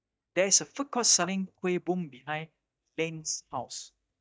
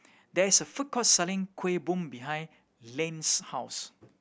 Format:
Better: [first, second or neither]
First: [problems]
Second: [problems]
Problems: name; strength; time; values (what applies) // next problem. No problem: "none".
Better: second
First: noise reduction (neural mask model DeepFilterNet 3)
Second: none